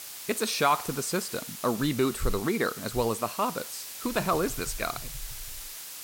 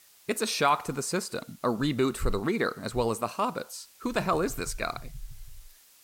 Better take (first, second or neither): second